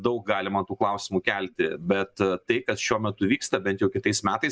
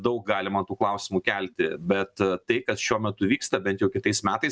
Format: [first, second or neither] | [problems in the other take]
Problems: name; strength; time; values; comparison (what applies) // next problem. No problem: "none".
second | noise reduction (neural mask model Resemble Enhance denoiser)